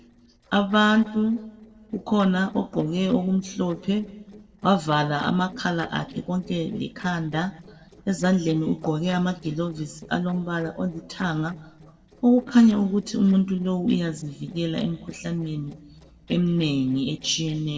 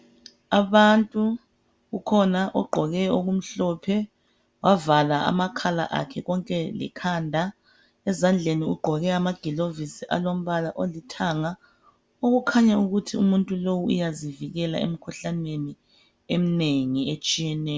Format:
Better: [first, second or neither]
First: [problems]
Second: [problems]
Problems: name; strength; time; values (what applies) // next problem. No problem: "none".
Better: second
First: noise reduction (neural separator model SepFormer DNS4)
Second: none